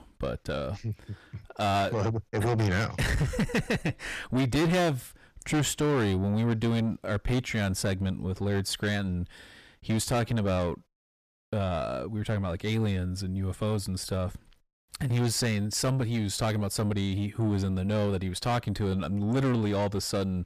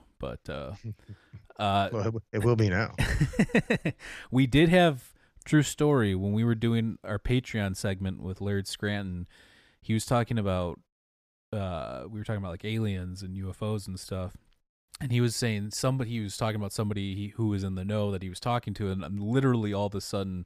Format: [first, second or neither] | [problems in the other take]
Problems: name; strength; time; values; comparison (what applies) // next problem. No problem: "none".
second | distortion; heavy; 7 dB below the speech